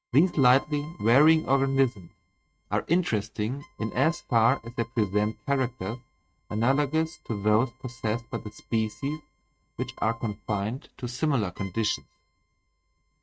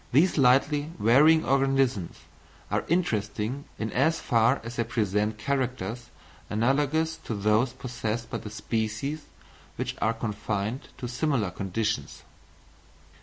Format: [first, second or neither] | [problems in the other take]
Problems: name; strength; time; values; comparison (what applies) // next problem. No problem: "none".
second | noise reduction (neural mask model RNNoise)